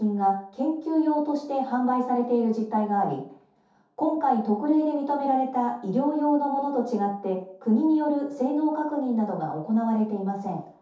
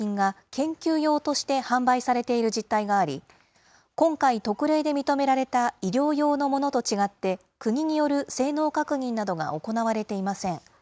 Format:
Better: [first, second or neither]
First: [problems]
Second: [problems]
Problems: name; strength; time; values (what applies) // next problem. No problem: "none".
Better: second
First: room echo; dies away in 0.5 s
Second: none